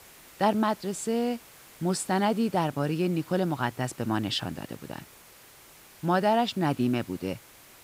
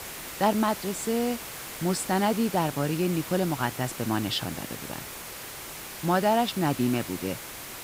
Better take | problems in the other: first | hiss; loud; throughout; 9 dB below the speech; faint in the first

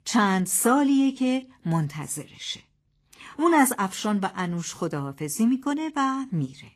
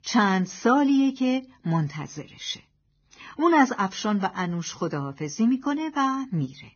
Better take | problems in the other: first | garbled, watery; badly; nothing above 6.5 kHz; slightly in the first

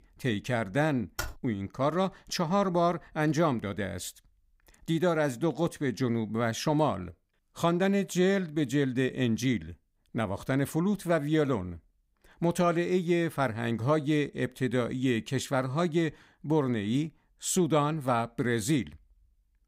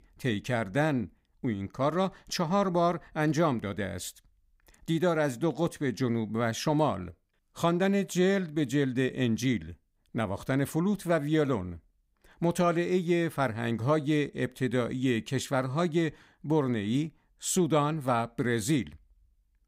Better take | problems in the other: second | keyboard typing; noticeable; at 1 s; peak 9 dB below the speech

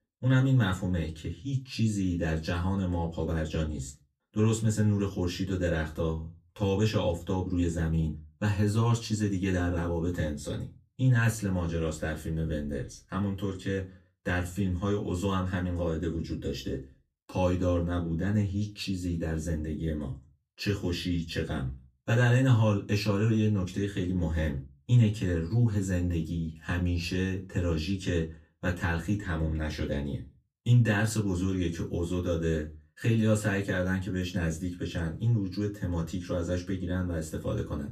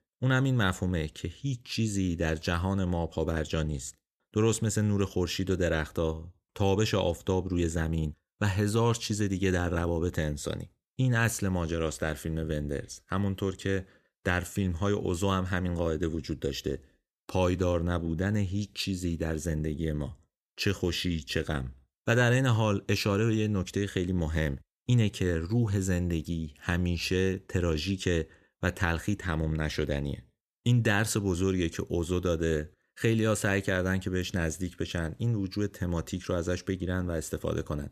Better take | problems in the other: second | off-mic speech; far // room echo; very slight; dies away in 0.2 s

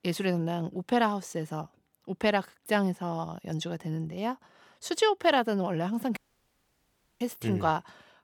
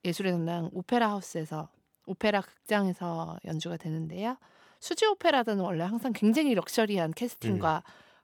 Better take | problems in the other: second | audio cutting out; at 6 s for 1 s

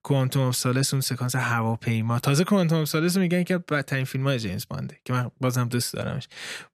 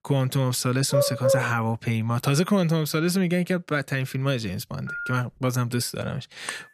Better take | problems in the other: first | dog barking; loud; at 1 s; peak 2 dB above the speech // phone ringing; noticeable; at 5 s; peak 7 dB below the speech // clattering dishes; very faint; at 6.5 s; peak 10 dB below the speech

